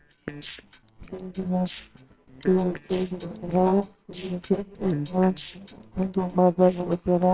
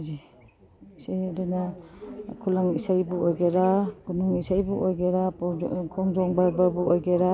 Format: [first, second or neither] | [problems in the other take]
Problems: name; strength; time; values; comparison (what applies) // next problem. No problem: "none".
second | noise reduction (neural separator model SepFormer WHAMR!)